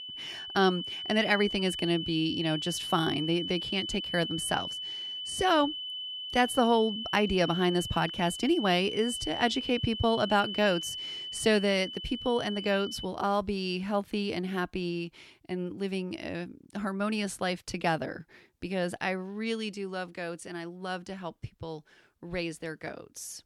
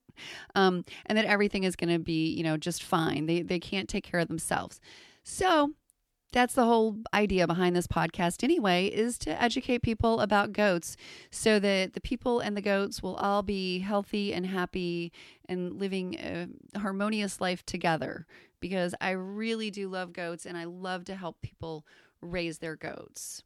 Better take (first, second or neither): second